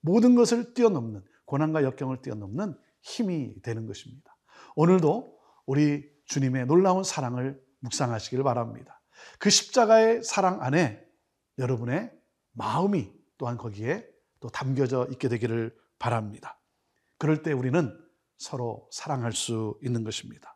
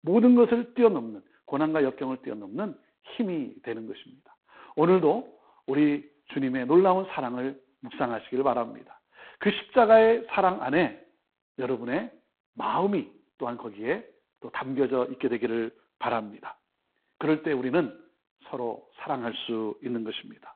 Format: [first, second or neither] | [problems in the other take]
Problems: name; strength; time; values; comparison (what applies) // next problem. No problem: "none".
first | phone-call audio; poor line